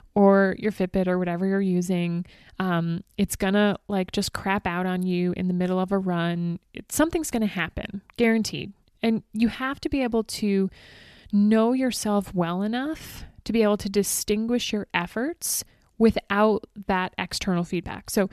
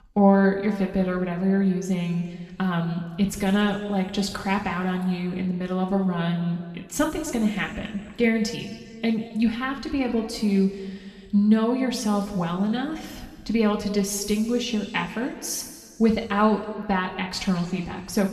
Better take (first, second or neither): first